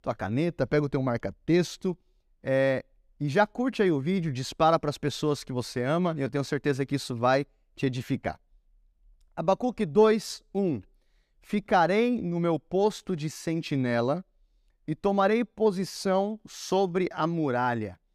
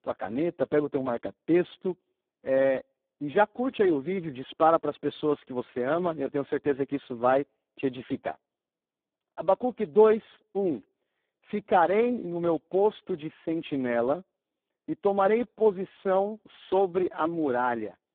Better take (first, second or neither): first